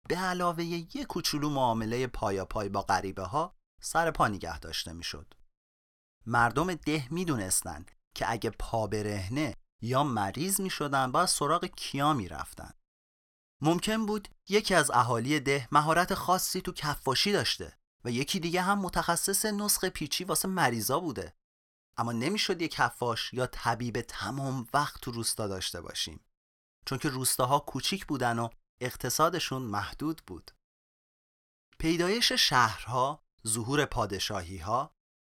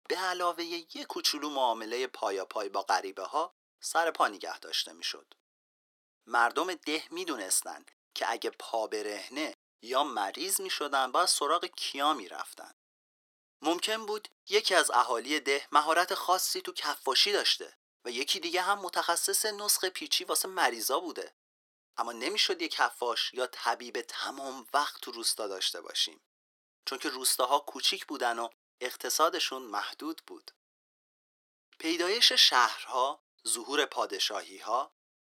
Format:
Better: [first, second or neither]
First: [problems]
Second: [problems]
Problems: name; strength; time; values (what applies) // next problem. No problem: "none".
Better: first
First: none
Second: thin; somewhat; fading below 350 Hz